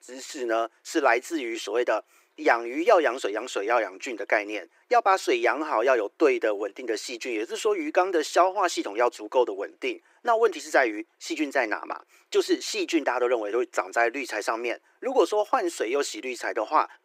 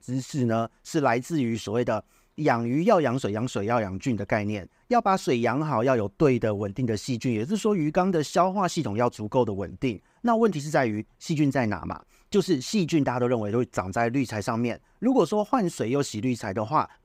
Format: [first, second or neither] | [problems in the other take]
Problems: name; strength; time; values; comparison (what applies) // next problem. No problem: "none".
second | thin; very; fading below 350 Hz